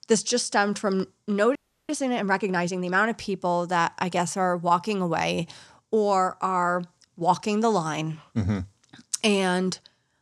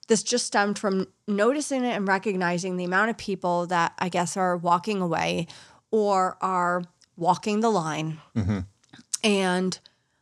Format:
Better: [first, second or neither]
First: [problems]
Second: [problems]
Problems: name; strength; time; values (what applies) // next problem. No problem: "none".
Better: second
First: audio freezing; at 1.5 s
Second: none